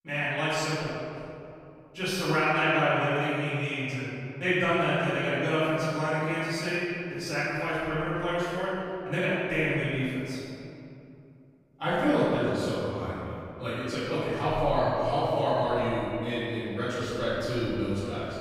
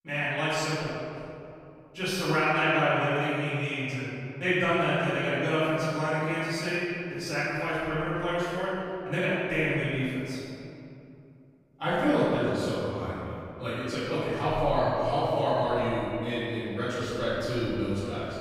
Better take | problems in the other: neither | off-mic speech; far; the same in both // room echo; strong; dies away in 2.5 s; the same in both

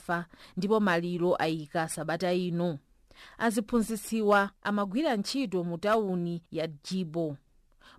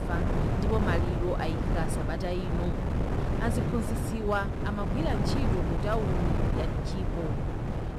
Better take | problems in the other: first | wind noise on the microphone; heavy; 1 dB below the speech

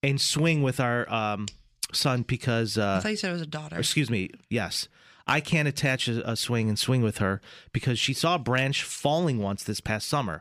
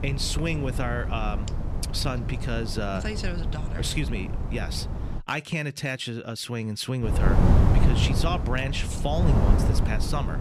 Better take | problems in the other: first | wind noise on the microphone; heavy; until 5 s and from 7 s on; 4 dB below the speech

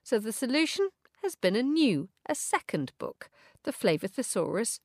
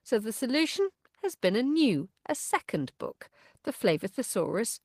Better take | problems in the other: first | garbled, watery; slightly

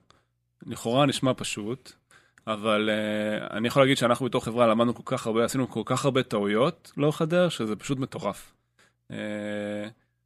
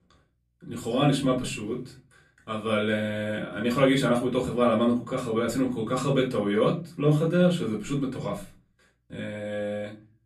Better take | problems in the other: first | off-mic speech; far // room echo; slight; dies away in 0.3 s

